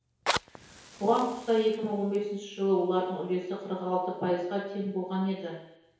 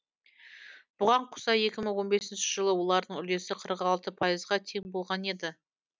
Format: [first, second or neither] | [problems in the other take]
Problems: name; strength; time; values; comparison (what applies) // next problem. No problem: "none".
second | background sound (Fire); 12 dB below the speech // room echo; dies away in 1 s